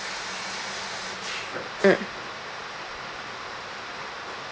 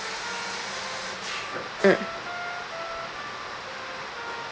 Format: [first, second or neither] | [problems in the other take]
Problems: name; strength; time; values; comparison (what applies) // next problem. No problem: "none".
first | background sound (Trumpet); 9 dB below the speech